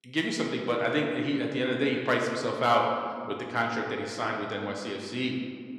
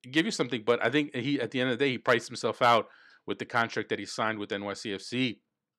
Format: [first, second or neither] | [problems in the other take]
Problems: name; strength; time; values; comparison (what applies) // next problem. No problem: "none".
second | room echo; noticeable; dies away in 1.7 s